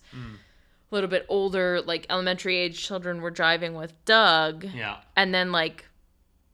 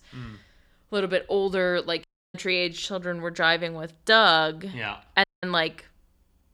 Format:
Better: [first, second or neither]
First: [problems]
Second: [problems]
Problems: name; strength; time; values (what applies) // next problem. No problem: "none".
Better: first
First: none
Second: audio cutting out; at 2 s and at 5 s